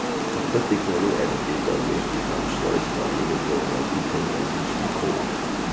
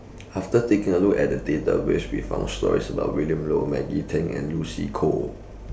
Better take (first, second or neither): second